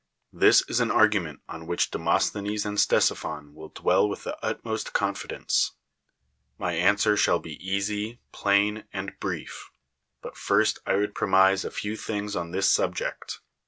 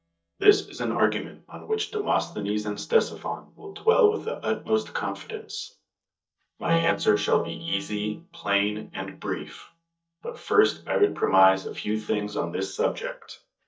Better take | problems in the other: first | noise reduction (neural mask model DeepFilterNet 3)

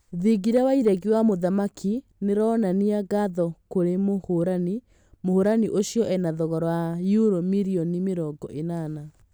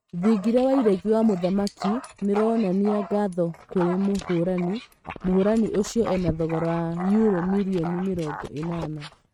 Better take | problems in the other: first | noise reduction (neural mask model RNNoise)

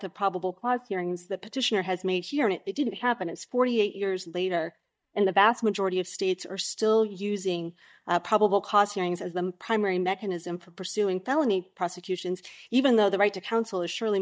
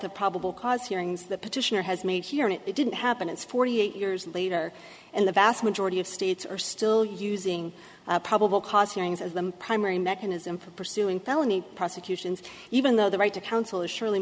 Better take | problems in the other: second | noise reduction (neural mask model DeepFilterNet 3)

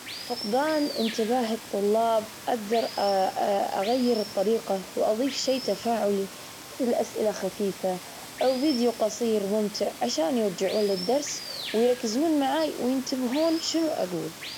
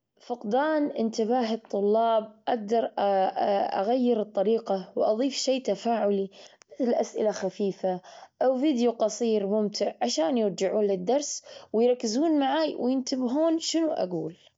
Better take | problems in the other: second | background sound (Water); 13 dB below the speech

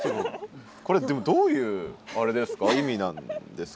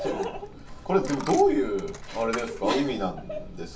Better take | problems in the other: first | background sound (Coin (dropping)); 12 dB below the speech // room echo; dies away in 0.2 s

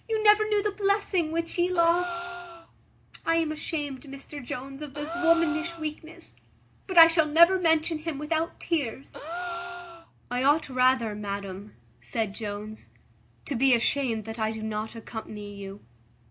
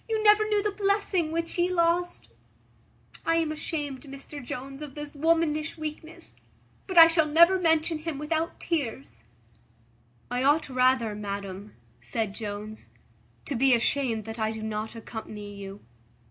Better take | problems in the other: second | background sound (Gasp); 10 dB below the speech

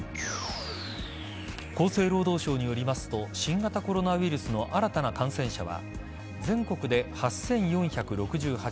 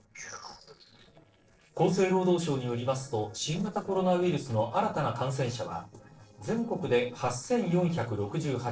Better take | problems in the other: first | noise reduction (neural separator model SepFormer DNS4)

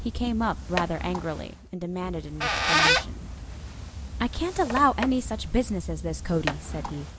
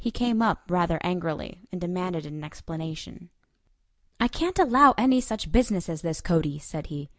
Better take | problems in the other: second | background sound (Squeak); 2 dB below the speech

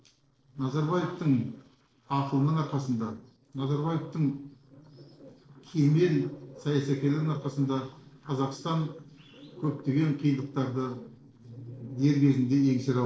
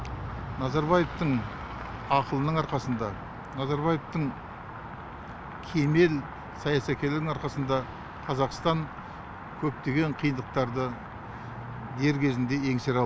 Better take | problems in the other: second | noise reduction (neural separator model SepFormer DNS4)

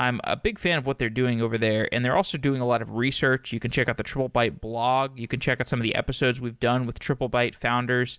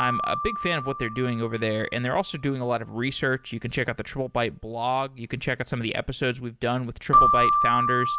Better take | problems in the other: first | background sound (Keyboard (musical)); 1 dB below the speech

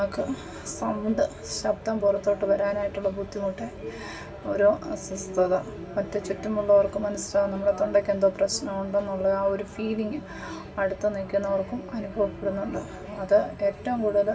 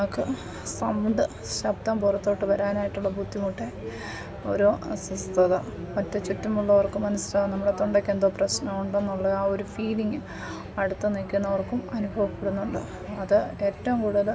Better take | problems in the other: second | room echo; dies away in 0.2 s

